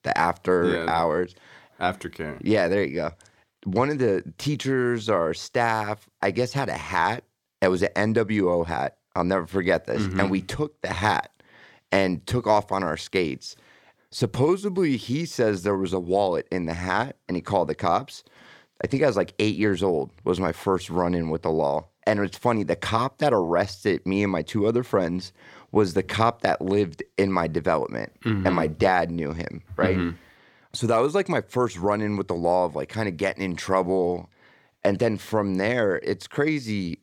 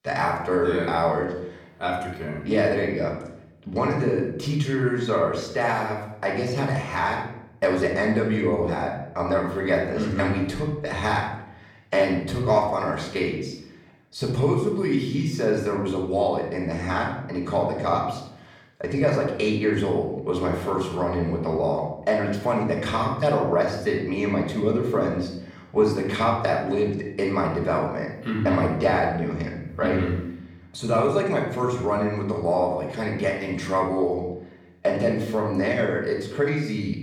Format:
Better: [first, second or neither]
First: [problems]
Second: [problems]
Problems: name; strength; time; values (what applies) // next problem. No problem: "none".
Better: first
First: none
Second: off-mic speech; far // room echo; noticeable; dies away in 0.7 s